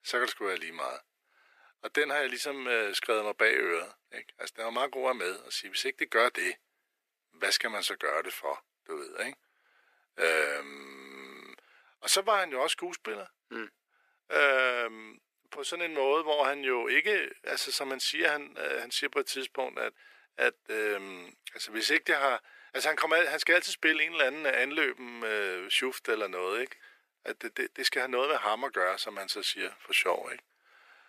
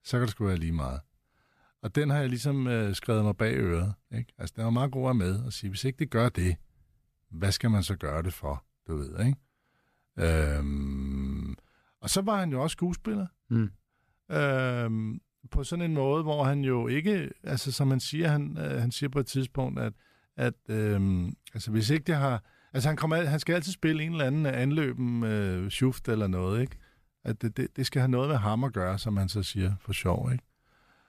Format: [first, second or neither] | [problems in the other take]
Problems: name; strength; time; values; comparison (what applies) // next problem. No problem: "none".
second | thin; very; fading below 400 Hz